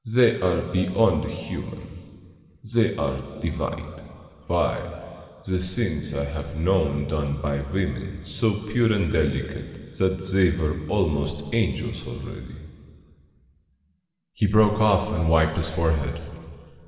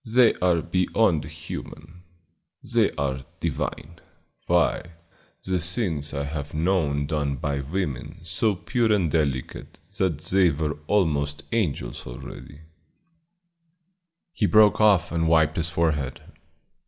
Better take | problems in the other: second | room echo; dies away in 2.2 s

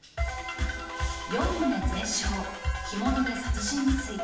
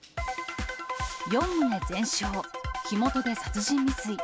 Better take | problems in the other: second | background sound (Harmonica); 18 dB below the speech // room echo; dies away in 0.7 s

